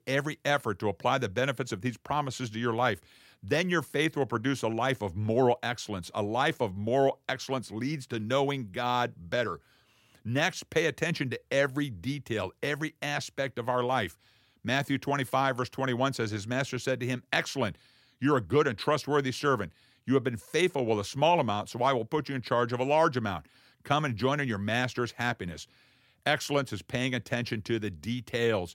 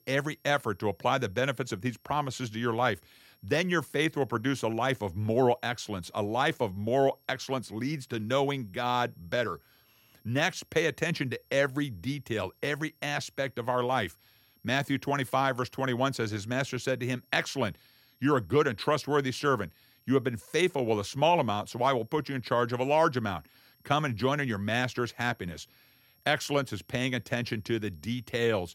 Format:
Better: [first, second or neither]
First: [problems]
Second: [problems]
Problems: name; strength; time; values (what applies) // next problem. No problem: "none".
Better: first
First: none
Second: high-pitched whine; faint; throughout; 11.5 kHz, 35 dB below the speech